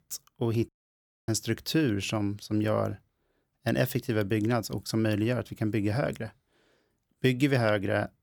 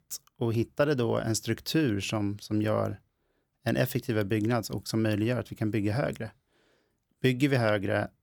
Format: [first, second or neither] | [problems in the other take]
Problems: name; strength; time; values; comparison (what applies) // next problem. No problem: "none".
second | audio cutting out; at 0.5 s for 0.5 s